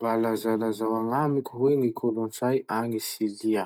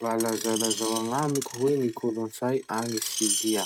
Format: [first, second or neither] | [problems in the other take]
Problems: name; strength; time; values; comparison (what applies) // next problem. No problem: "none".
first | background sound (Screech); 6 dB below the speech